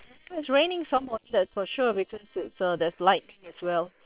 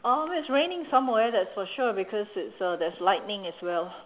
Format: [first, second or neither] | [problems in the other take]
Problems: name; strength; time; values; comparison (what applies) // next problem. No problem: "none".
second | noise reduction (neural separator model SepFormer WHAM!)